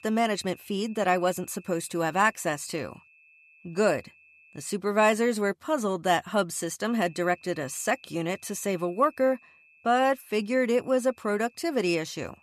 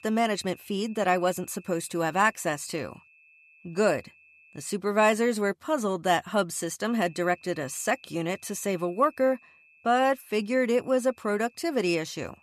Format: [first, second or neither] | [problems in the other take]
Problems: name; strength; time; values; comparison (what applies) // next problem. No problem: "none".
neither | high-pitched whine; faint; until 5 s and from 7 s on; 2.5 kHz, 30 dB below the speech; the same in both